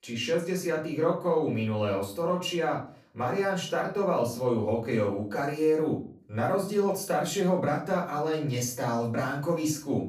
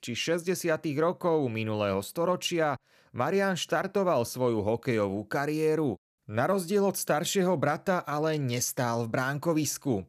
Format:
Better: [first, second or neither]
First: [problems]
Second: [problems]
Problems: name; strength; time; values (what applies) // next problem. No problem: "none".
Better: second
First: room echo; slight; dies away in 0.4 s // off-mic speech; far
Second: none